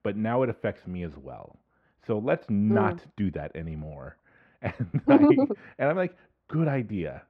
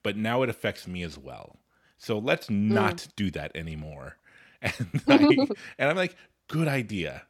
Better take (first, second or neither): second